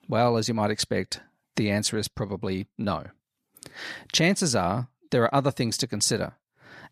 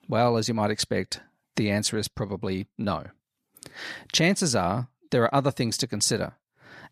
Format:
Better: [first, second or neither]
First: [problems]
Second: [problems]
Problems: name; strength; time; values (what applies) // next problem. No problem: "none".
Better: neither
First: none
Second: none